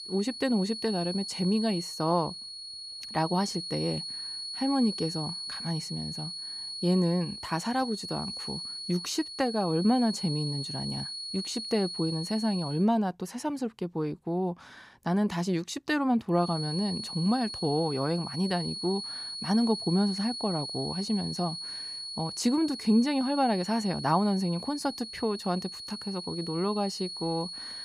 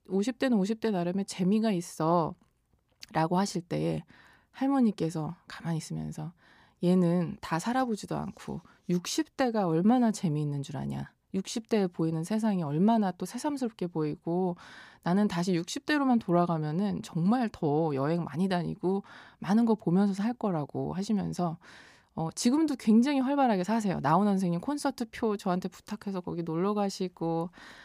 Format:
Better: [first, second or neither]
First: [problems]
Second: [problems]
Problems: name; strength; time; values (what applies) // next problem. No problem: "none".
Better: second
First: high-pitched whine; loud; until 13 s and from 16 s on; 4.5 kHz, 6 dB below the speech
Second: none